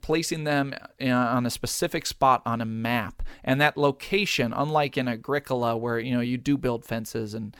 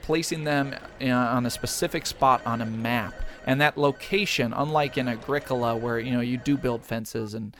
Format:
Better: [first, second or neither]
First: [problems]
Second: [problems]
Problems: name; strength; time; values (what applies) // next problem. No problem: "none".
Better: first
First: none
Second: alarms or sirens; noticeable; throughout; 20 dB below the speech